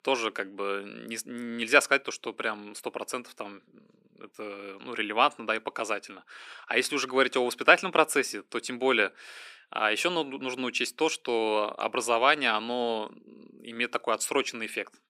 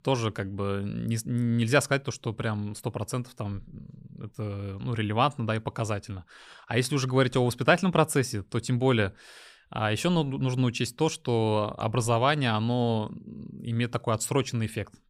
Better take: second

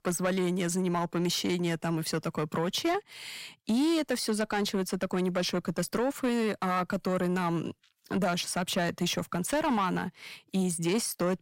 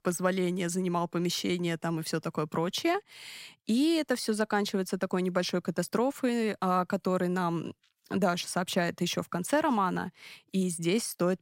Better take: second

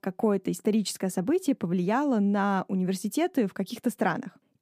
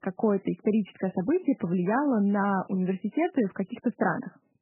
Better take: first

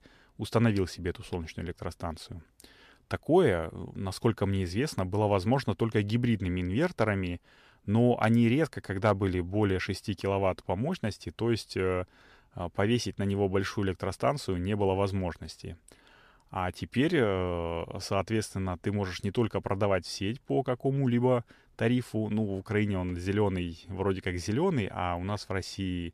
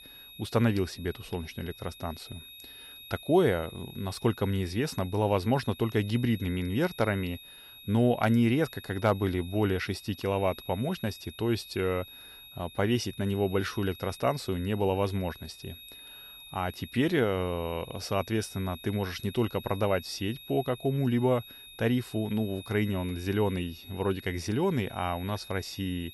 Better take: first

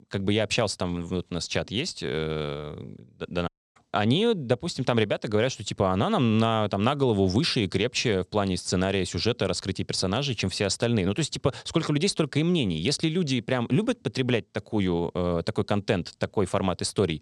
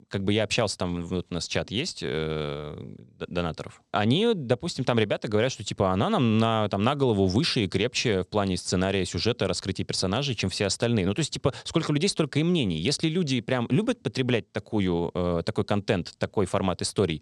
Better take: second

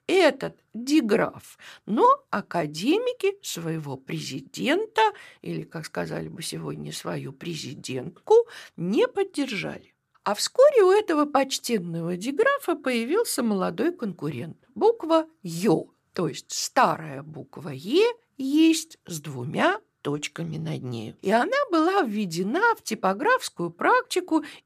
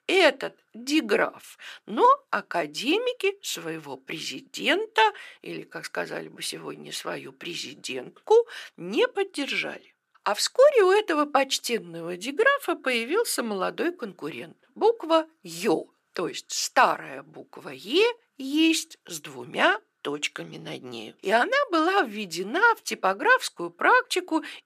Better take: first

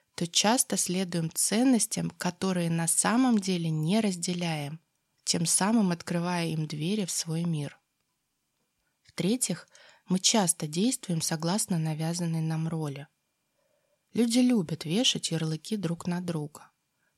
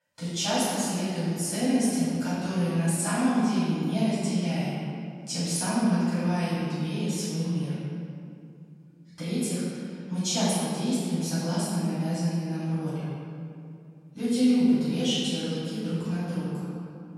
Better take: first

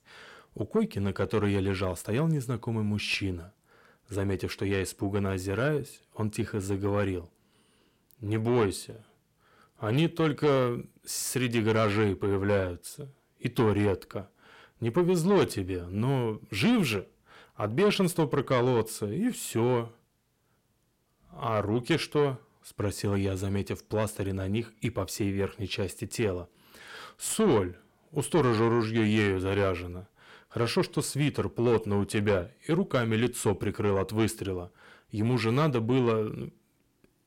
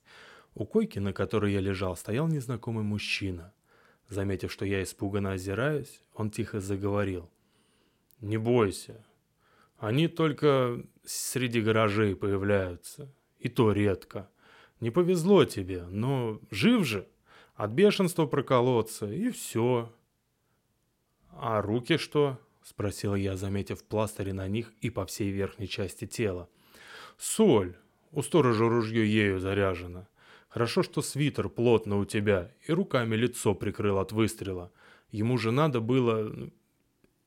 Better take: second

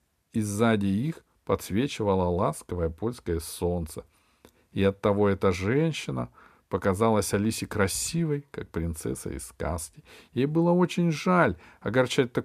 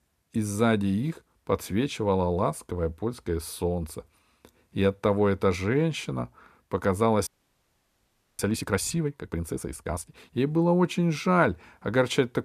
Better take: first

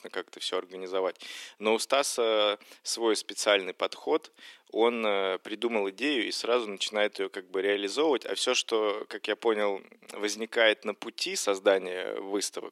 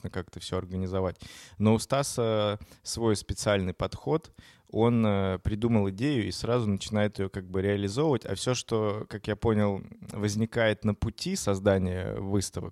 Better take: second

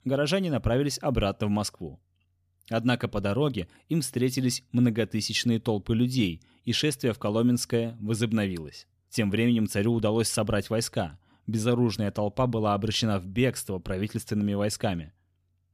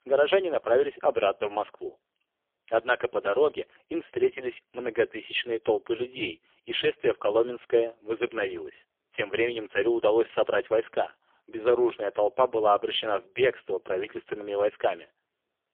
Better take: first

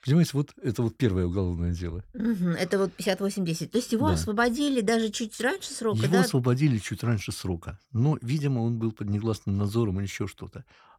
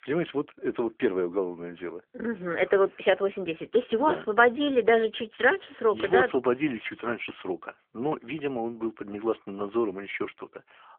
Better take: first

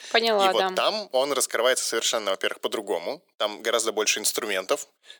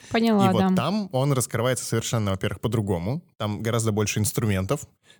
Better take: second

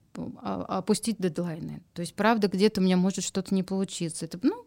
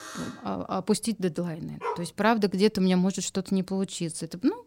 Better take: first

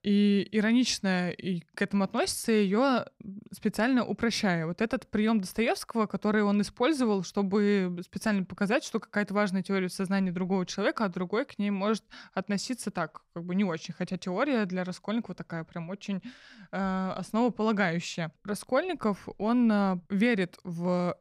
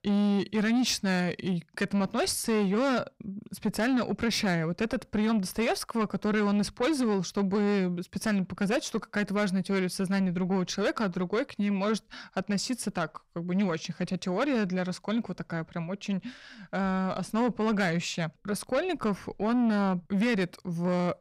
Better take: first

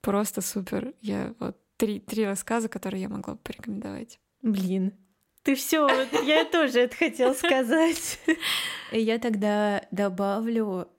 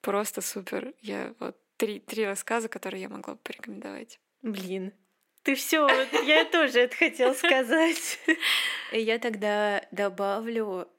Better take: first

